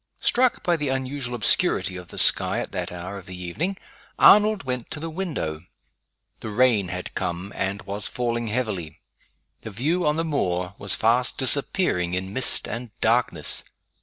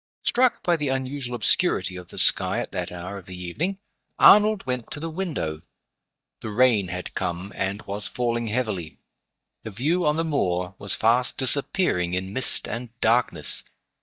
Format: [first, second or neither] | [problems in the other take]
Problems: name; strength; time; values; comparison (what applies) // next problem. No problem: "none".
first | noise reduction (neural mask model DeepFilterNet 3)